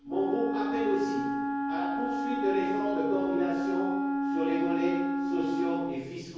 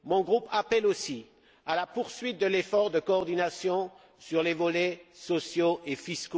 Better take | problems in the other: second | background sound (Wind instrument, woodwind instrument); 2 dB above the speech // room echo; dies away in 1.3 s

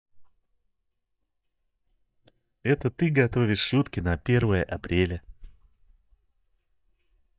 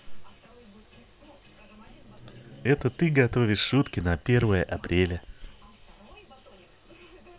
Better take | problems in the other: second | noise reduction (neural mask model DeepFilterNet 3)

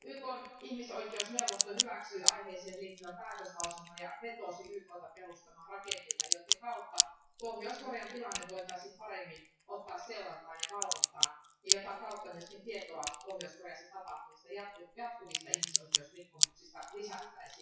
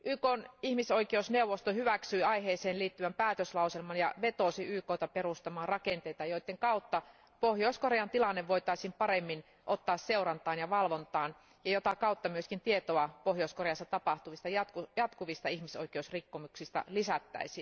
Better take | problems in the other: second | noise reduction (classical method WPE with log-MMSE)

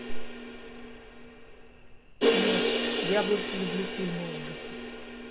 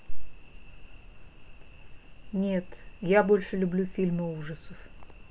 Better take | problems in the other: second | background sound (Crash cymbal); 2 dB above the speech

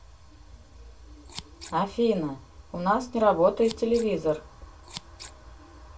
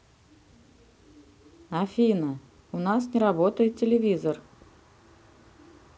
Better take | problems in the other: second | background sound (Scissors); 18 dB below the speech // room echo; dies away in 0.2 s

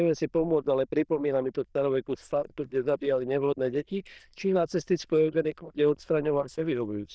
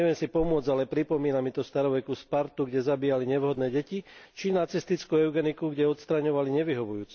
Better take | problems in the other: second | noise reduction (neural diffusion model UNIVERSE++)

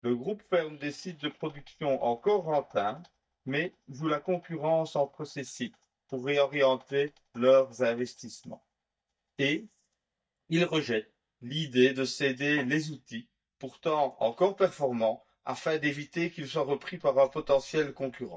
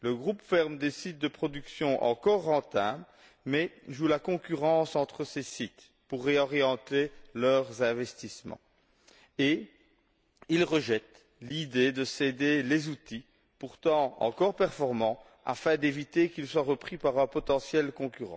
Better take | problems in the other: second | noise reduction (neural mask model DeepFilterNet 3)

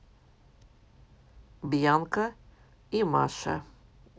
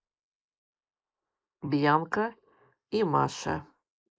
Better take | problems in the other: first | noise reduction (neural mask model Resemble Enhance denoiser)

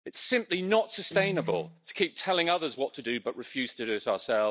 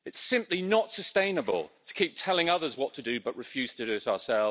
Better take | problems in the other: second | noise reduction (neural mask model DeepFilterNet 3)

